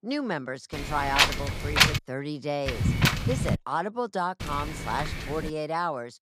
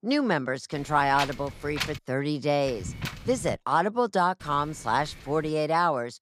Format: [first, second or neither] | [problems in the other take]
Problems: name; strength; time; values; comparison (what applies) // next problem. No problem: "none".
second | wind noise on the microphone; heavy; from 0.5 to 2 s, at 2.5 s and from 4.5 to 5.5 s; 5 dB above the speech; occasional gusts in the second